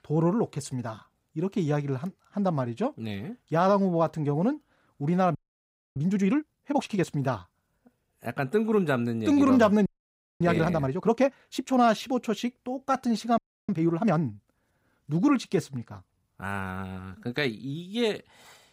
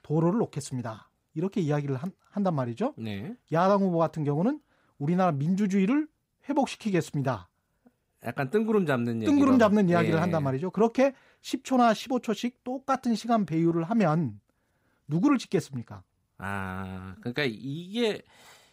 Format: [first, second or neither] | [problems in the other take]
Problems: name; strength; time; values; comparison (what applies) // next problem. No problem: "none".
second | audio freezing; at 5.5 s for 0.5 s, at 10 s for 0.5 s and at 13 s